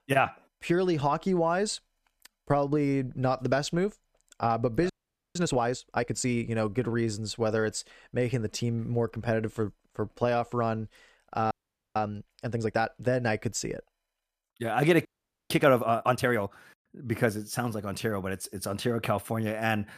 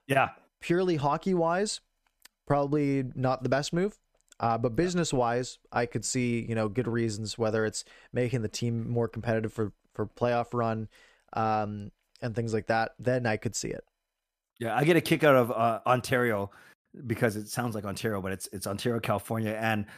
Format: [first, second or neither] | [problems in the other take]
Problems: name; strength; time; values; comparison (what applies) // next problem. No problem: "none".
second | audio freezing; at 5 s, at 12 s and at 15 s